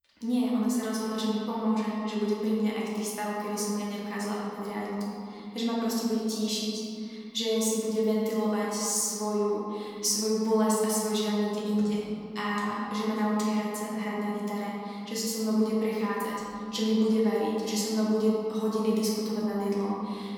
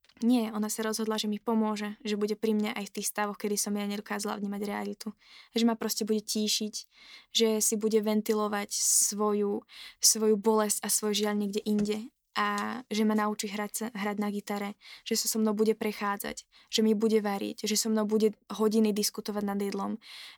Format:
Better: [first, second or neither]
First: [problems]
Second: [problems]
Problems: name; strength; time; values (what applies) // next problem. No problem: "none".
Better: second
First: off-mic speech; far // room echo; strong; dies away in 2.7 s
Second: none